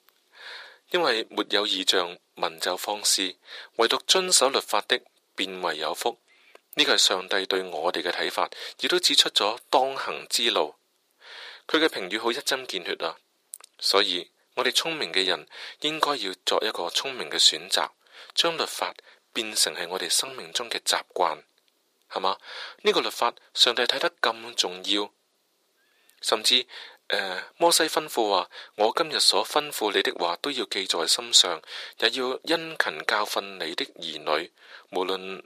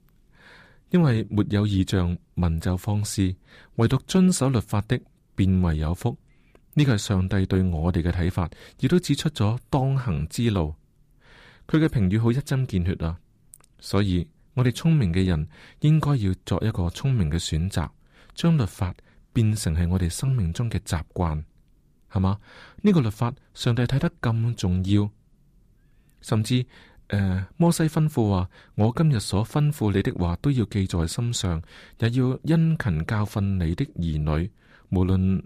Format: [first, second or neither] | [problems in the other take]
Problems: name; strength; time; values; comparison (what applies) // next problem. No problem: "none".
second | thin; very; fading below 450 Hz